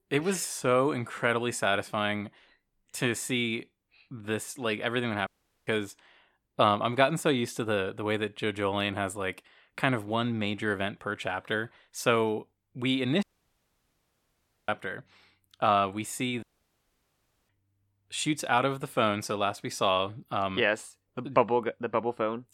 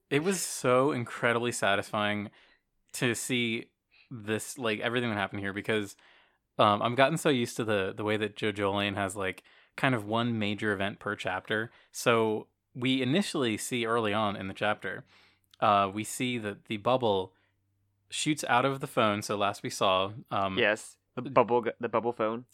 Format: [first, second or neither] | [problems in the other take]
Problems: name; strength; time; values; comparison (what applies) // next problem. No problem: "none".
second | audio cutting out; at 5.5 s, at 13 s for 1.5 s and at 16 s for 1 s